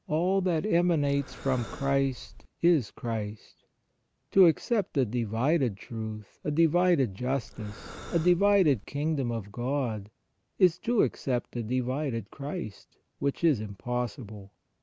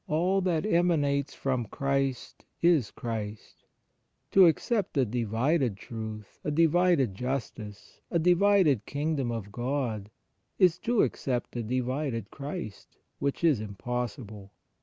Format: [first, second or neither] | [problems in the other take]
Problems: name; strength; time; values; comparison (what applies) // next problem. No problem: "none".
second | background sound (Breathing); 15 dB below the speech